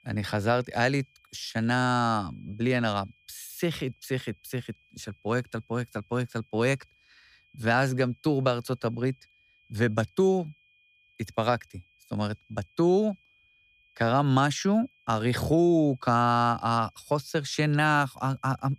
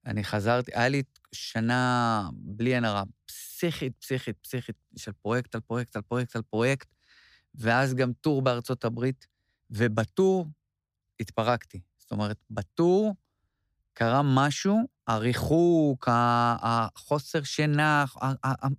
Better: second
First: high-pitched whine; faint; throughout; 2.5 kHz, 35 dB below the speech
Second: none

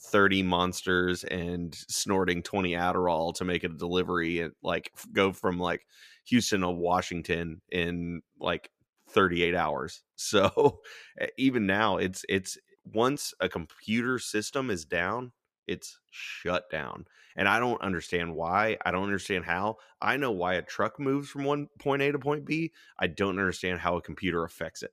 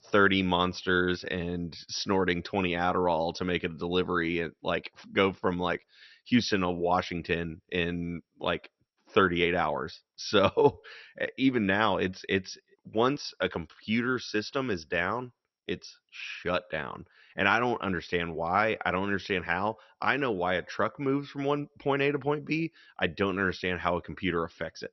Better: first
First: none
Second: garbled, watery; slightly; nothing above 6 kHz

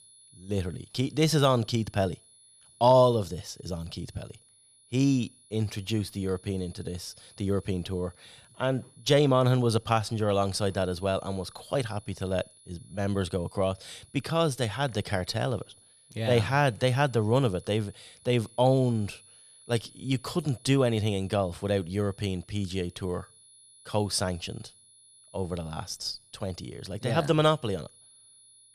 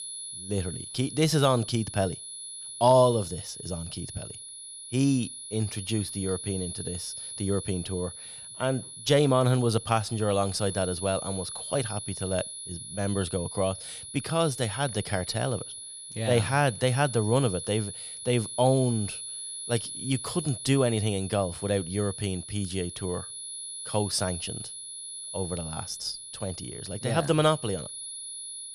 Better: first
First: high-pitched whine; faint; throughout; 10.5 kHz, 25 dB below the speech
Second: high-pitched whine; loud; throughout; 10.5 kHz, 9 dB below the speech

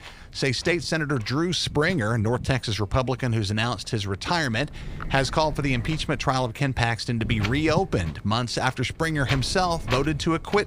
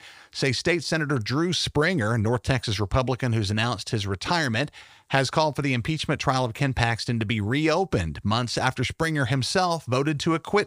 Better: second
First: wind noise on the microphone; occasional gusts; 10 dB below the speech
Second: none

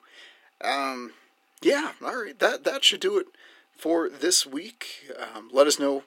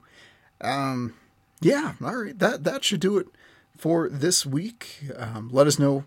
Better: second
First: thin; somewhat; fading below 300 Hz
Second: none

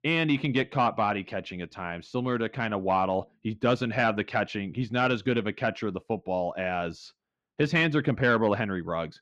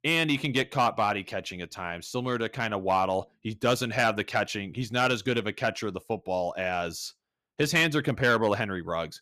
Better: second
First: muffled; slightly; fading above 3 kHz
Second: none

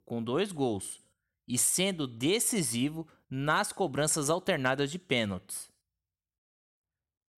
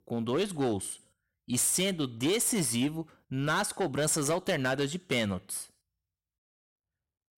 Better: first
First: none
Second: distortion; slight; 7% of the sound clipped

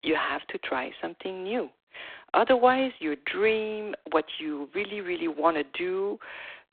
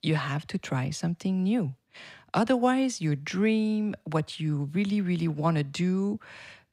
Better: second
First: phone-call audio; poor line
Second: none

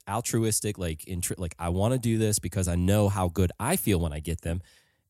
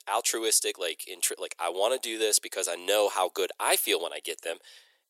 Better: first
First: none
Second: thin; very; fading below 400 Hz

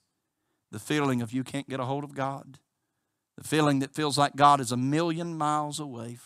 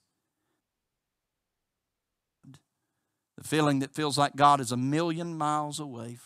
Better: first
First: none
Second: audio cutting out; at 0.5 s for 2 s

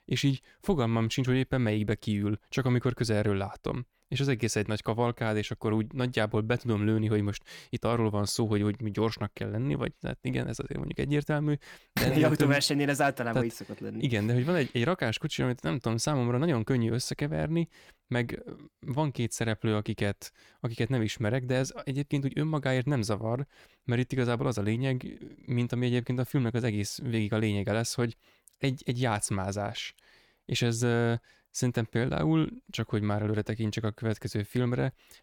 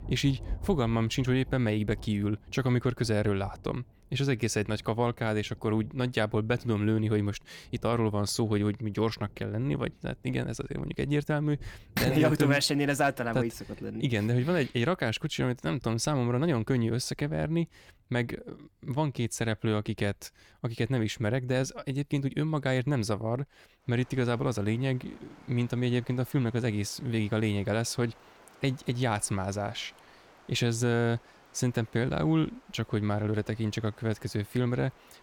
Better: first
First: none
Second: rain or running water; faint; throughout; 25 dB below the speech

